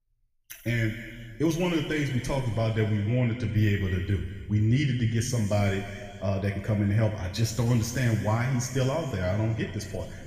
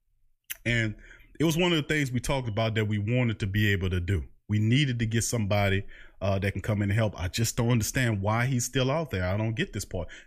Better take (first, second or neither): second